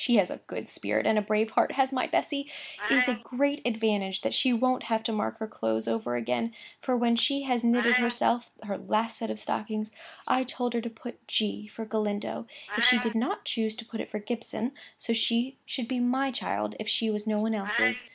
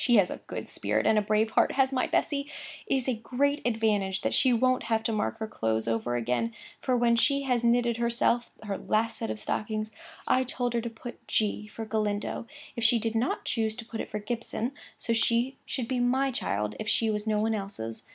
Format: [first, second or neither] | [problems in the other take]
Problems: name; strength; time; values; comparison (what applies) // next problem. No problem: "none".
second | noise reduction (neural mask model Resemble Enhance denoiser)